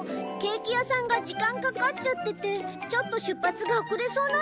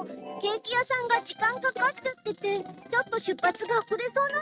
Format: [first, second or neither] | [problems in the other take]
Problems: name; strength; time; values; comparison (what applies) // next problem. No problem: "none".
first | noise reduction (neural mask model RNNoise)